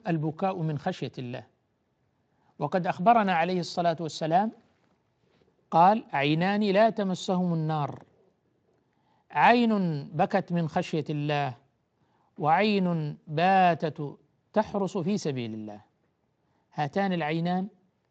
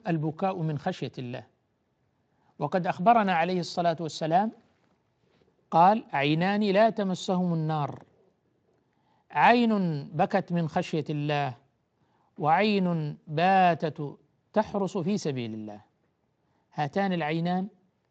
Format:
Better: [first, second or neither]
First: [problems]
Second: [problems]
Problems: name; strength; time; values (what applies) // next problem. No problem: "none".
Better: neither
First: garbled, watery; slightly; nothing above 7.5 kHz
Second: garbled, watery; slightly; nothing above 7.5 kHz